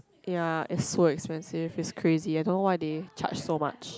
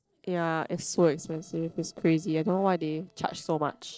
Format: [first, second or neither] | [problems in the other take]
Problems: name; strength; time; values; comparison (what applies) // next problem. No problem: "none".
first | noise reduction (neural separator model SepFormer DNS4)